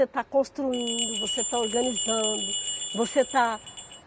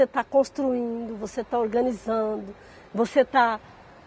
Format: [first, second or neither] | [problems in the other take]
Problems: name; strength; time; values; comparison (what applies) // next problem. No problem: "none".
second | background sound (Bell); 3 dB below the speech